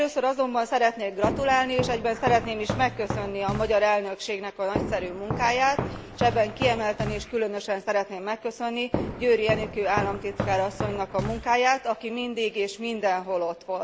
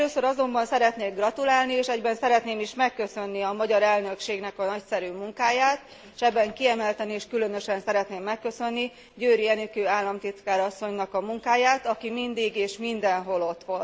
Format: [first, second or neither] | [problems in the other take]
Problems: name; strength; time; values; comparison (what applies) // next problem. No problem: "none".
second | background sound (Walk, footsteps); 7 dB below the speech